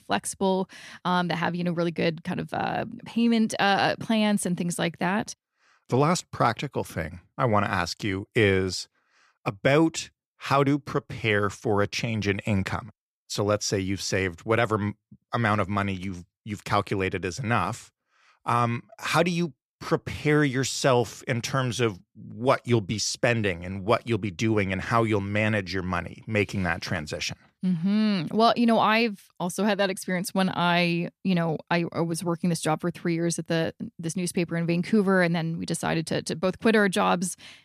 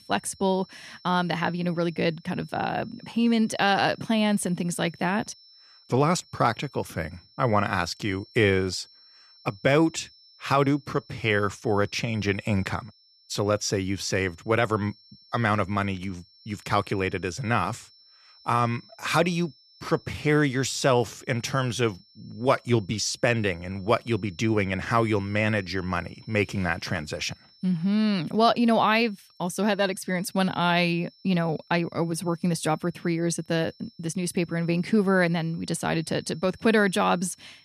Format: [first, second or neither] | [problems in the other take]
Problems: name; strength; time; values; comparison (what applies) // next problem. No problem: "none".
first | high-pitched whine; faint; throughout; 5.5 kHz, 25 dB below the speech